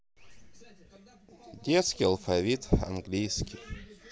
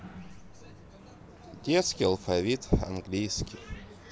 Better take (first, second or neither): first